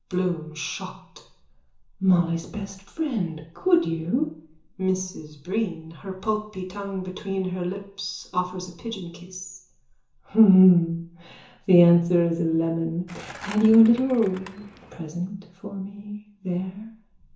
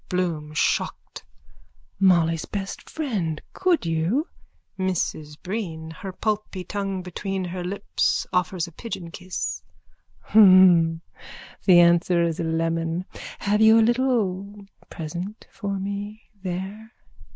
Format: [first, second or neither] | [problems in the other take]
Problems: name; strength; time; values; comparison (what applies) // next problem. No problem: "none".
second | background sound (Skateboard); 17 dB below the speech // room echo; dies away in 0.7 s